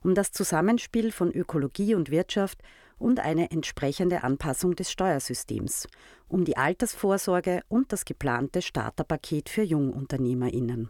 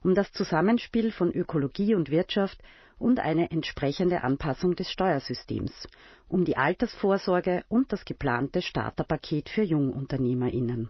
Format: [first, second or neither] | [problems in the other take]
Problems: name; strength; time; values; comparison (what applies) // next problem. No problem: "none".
first | garbled, watery; slightly; nothing above 5.5 kHz